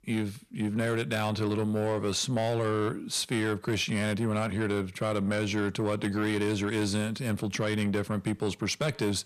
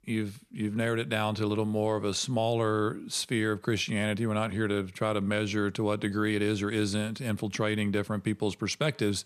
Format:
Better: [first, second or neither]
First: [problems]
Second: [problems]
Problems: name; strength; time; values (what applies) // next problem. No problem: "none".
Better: second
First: distortion; slight; 10 dB below the speech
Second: none